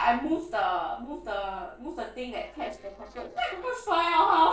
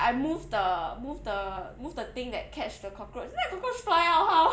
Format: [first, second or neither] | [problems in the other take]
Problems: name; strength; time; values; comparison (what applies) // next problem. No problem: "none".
second | noise reduction (neural separator model SepFormer DNS4)